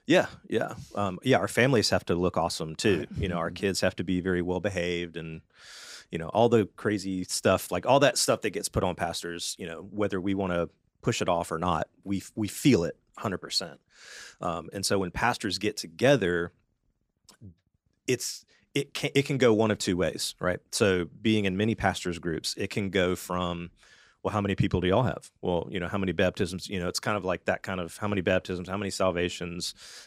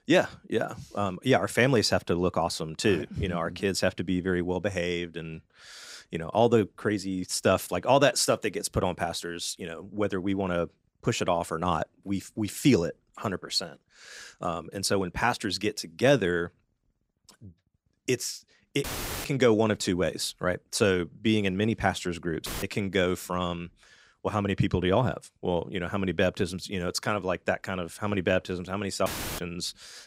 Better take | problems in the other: first | audio cutting out; filled with static; at 19 s, at 22 s and at 29 s

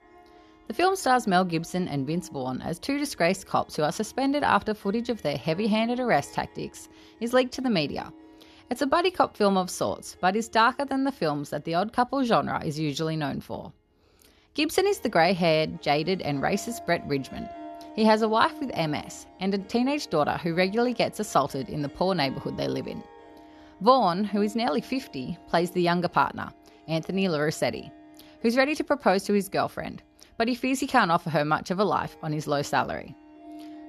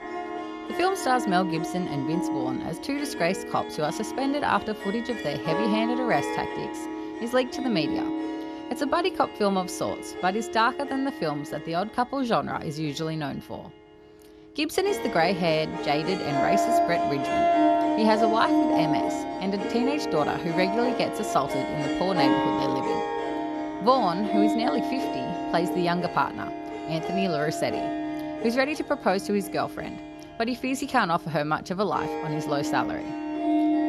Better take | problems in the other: first | background music; loud; throughout; 2 dB below the speech; faint in the first

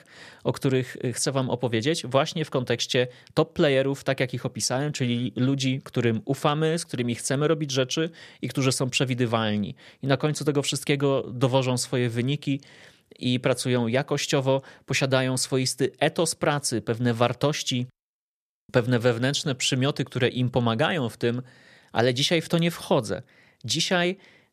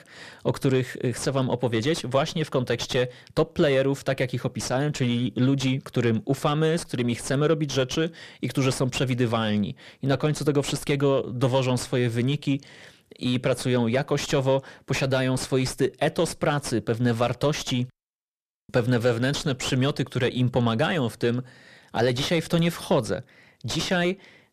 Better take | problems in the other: first | distortion; slight; 10 dB below the speech

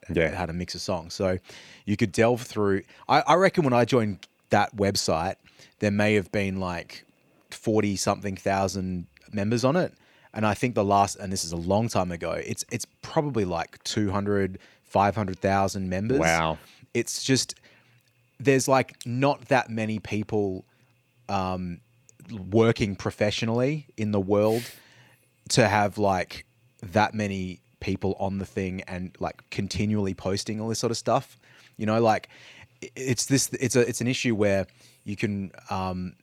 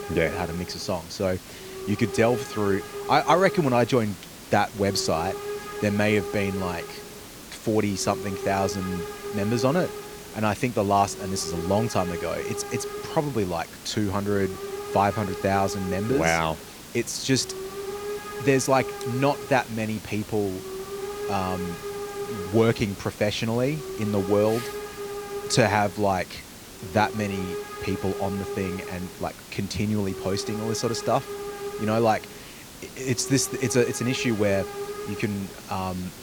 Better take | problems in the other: first | hiss; loud; throughout; 9 dB below the speech

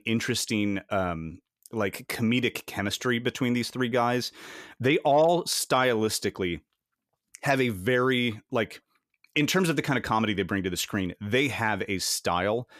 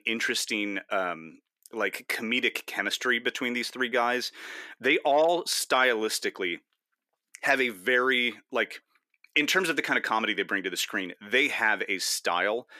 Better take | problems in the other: first | thin; somewhat; fading below 300 Hz

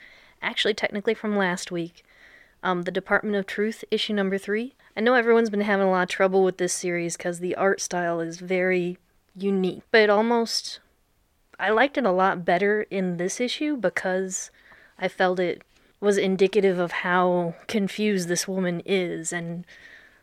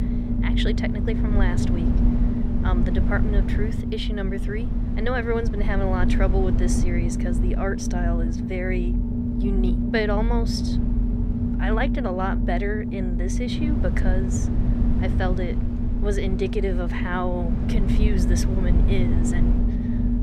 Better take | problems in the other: first | low rumble; loud; throughout; 3 dB below the speech

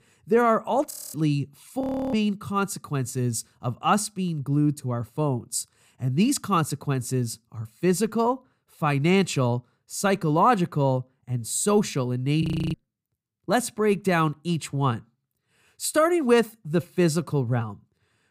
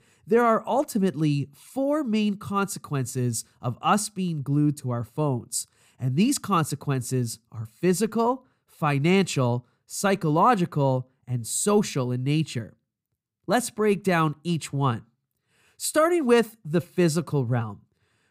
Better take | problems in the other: second | audio freezing; at 1 s, at 2 s and at 12 s

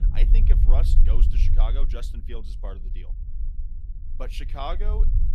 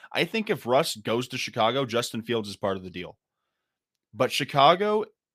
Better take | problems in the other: second | low rumble; loud; throughout; 7 dB below the speech

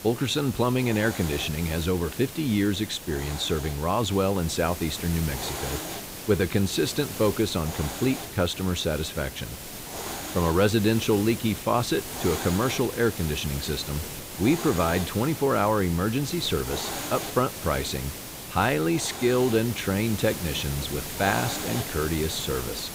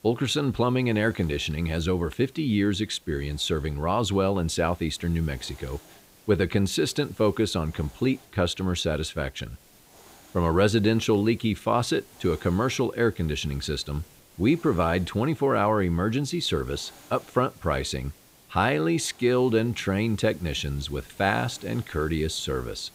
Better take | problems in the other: second | hiss; loud; throughout; 8 dB below the speech; faint in the second

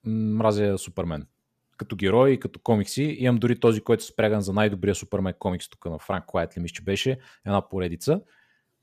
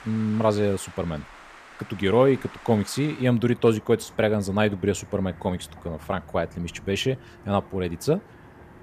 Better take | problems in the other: first | traffic noise; faint; throughout; 20 dB below the speech

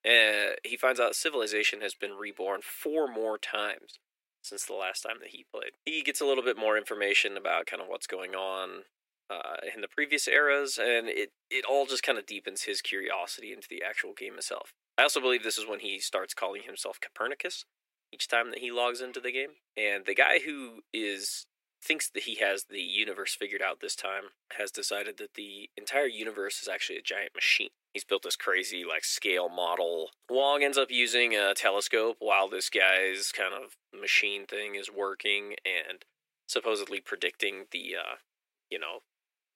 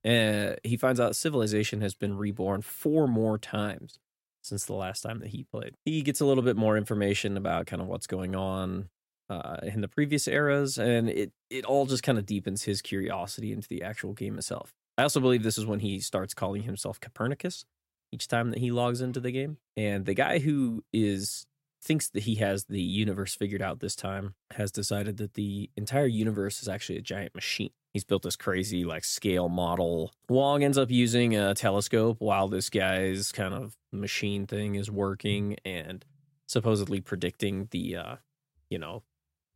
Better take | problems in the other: second | thin; very; fading below 350 Hz

